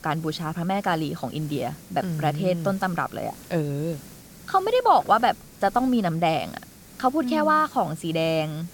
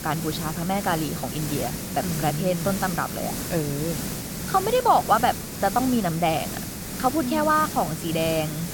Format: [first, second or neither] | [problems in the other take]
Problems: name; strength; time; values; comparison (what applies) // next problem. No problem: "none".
first | hiss; loud; throughout; 6 dB below the speech; faint in the first